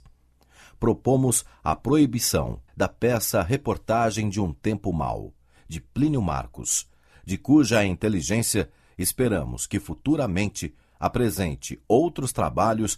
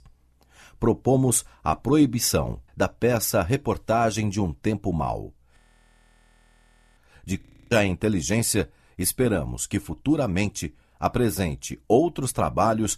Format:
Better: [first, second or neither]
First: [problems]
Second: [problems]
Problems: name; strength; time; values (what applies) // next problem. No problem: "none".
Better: first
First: none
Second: audio freezing; at 5.5 s for 1.5 s and at 7.5 s